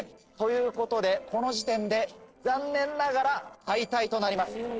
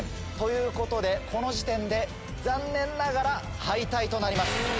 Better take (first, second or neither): second